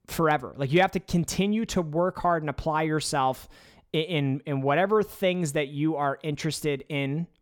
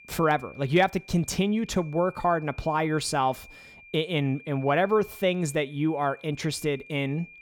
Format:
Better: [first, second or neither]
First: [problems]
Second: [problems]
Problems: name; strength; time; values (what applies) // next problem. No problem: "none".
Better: first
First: none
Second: high-pitched whine; faint; throughout; 2.5 kHz, 20 dB below the speech